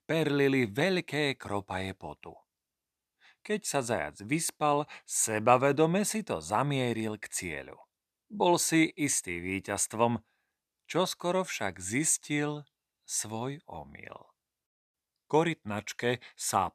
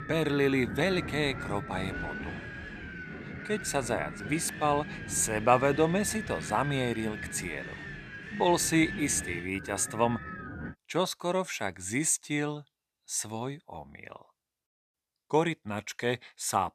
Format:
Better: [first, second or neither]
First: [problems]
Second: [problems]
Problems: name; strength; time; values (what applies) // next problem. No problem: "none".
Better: first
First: none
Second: wind noise on the microphone; heavy; until 11 s; 9 dB below the speech